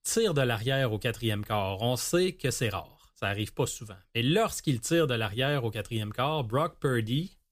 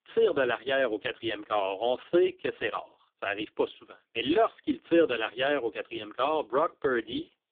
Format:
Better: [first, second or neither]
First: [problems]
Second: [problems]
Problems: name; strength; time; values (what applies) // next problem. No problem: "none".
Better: first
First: none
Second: phone-call audio; poor line; nothing above 3.5 kHz